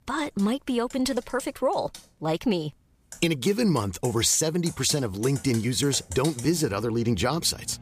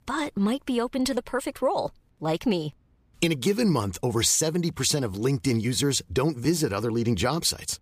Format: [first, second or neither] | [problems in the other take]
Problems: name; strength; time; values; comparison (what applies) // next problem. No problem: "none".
second | household noises; noticeable; throughout; 15 dB below the speech